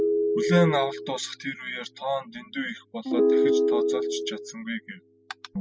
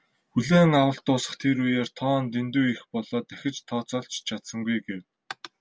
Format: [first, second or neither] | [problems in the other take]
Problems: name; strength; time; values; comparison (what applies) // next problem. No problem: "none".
second | noise reduction (classical method spectral subtraction)